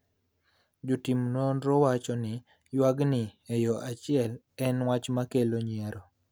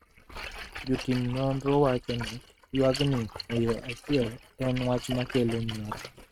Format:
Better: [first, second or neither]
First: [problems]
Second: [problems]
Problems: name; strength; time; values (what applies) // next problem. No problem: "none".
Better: first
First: none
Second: noise reduction (neural mask model RNNoise)